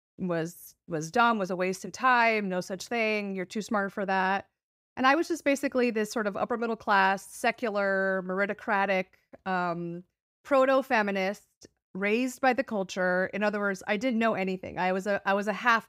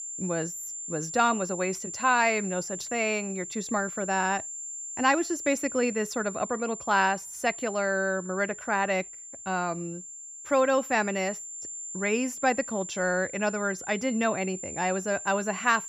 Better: first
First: none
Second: high-pitched whine; loud; throughout; 7.5 kHz, 9 dB below the speech

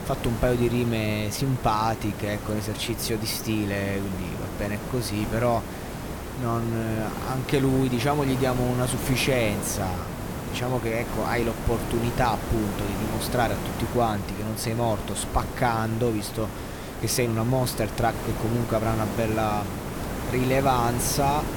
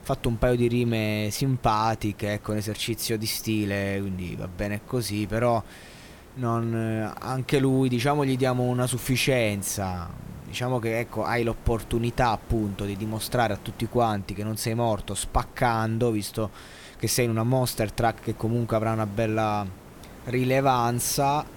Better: second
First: hiss; loud; throughout; 6 dB below the speech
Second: hiss; faint; throughout; 20 dB below the speech

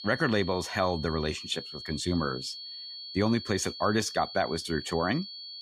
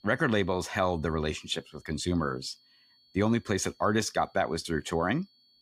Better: second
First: high-pitched whine; loud; throughout; 4.5 kHz, 10 dB below the speech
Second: high-pitched whine; faint; throughout; 4.5 kHz, 30 dB below the speech

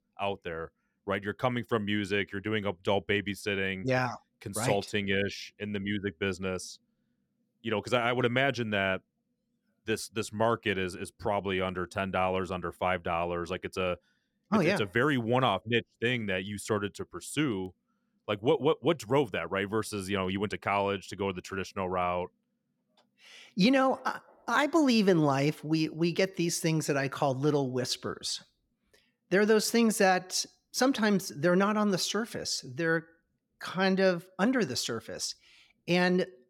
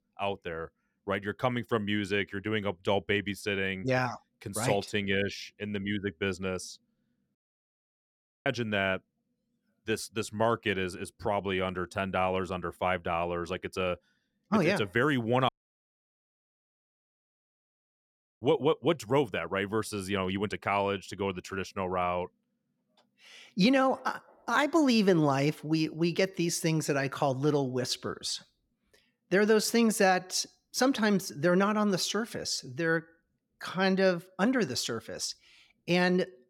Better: first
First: none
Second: audio cutting out; at 7.5 s for 1 s and at 15 s for 3 s

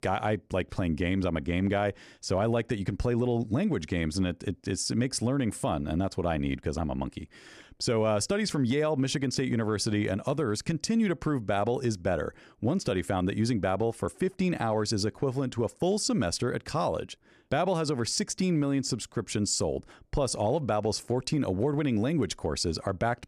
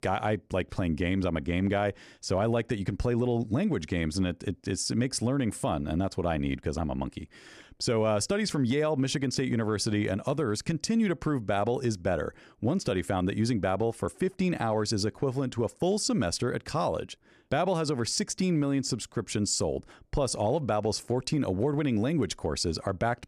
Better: neither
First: none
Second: none

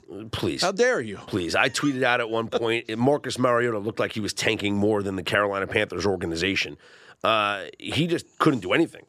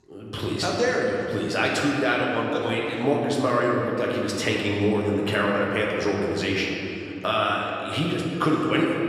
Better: first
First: none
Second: room echo; noticeable; dies away in 2.7 s // off-mic speech; somewhat distant

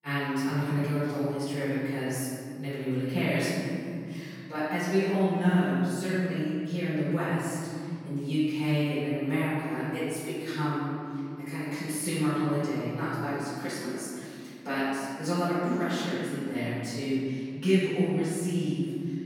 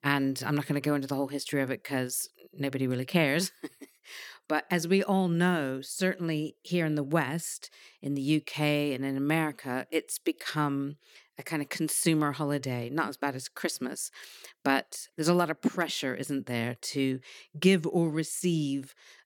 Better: second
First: off-mic speech; far // room echo; strong; dies away in 2.8 s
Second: none

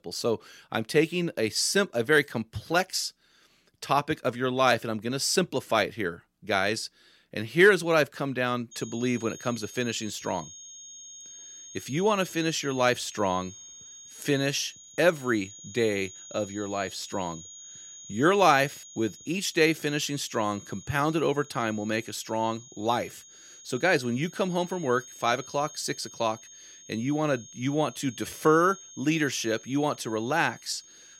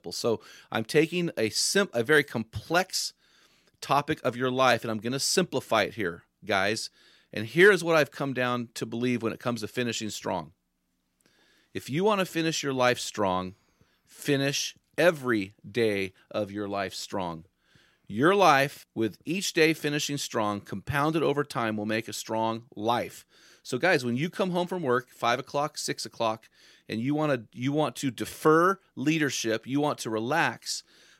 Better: second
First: high-pitched whine; noticeable; from 8.5 s on; 6.5 kHz, 15 dB below the speech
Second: none

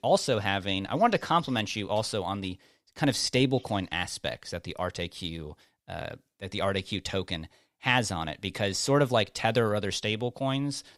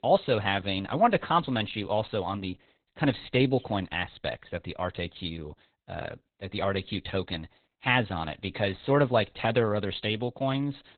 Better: first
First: none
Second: garbled, watery; badly; nothing above 4 kHz

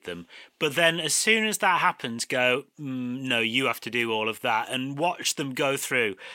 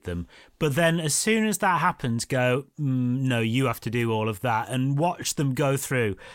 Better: second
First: thin; somewhat; fading below 250 Hz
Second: none

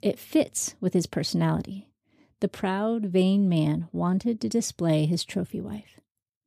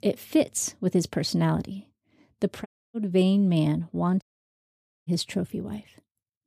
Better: first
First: none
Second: audio cutting out; at 2.5 s and at 4 s for 1 s

